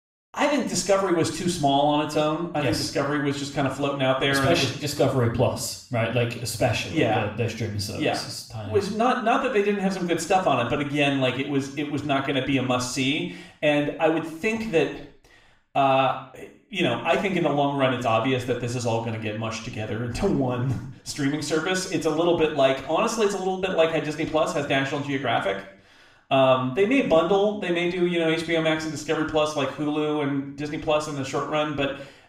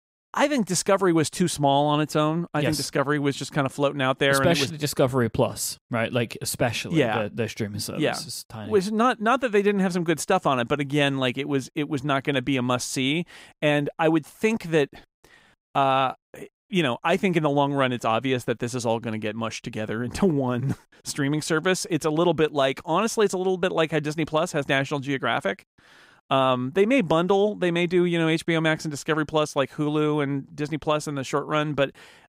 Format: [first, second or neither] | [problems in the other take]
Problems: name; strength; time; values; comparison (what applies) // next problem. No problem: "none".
second | room echo; noticeable; dies away in 0.5 s // off-mic speech; far